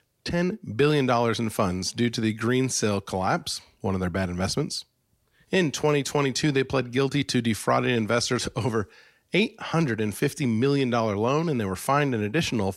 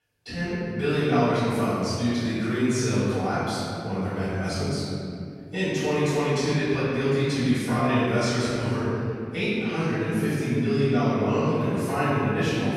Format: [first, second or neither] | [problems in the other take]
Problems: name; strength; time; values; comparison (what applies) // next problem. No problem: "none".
first | off-mic speech; far // room echo; strong; dies away in 2.5 s